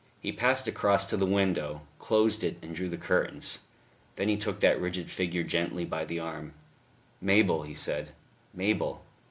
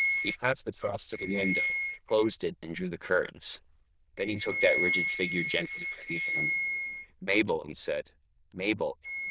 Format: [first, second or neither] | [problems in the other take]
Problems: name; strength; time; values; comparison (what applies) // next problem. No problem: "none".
first | noise reduction (neural diffusion model UNIVERSE++)